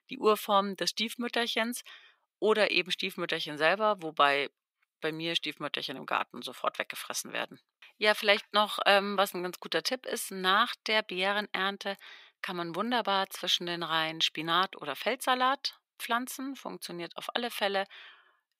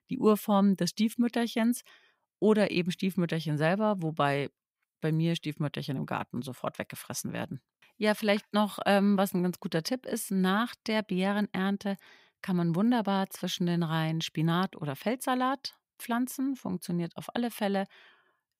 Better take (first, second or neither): second